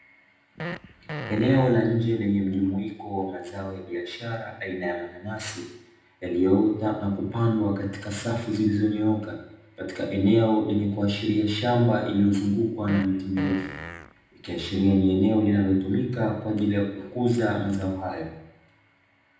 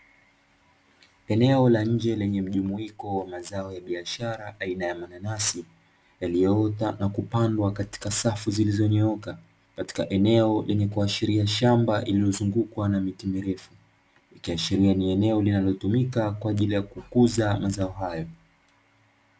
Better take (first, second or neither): second